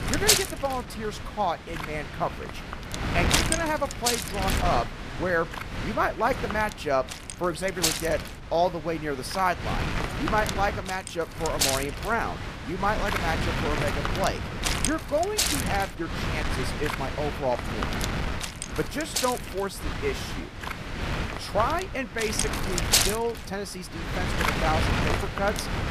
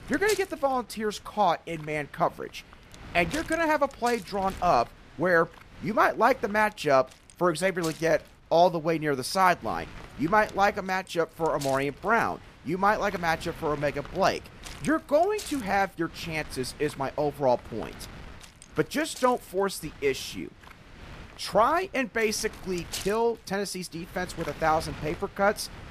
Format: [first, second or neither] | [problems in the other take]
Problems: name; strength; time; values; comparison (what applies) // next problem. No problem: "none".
second | wind noise on the microphone; heavy; 1 dB below the speech; occasional gusts in the second